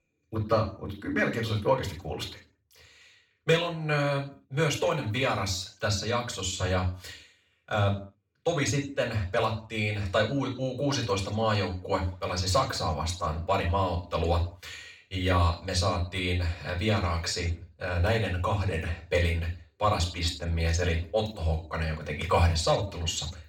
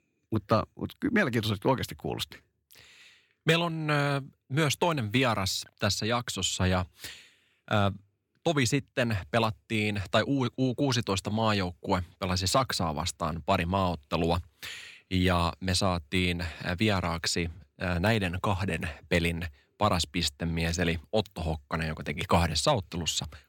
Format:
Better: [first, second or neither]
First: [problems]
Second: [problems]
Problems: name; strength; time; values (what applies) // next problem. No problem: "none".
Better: second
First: room echo; slight; dies away in 0.4 s // off-mic speech; far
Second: none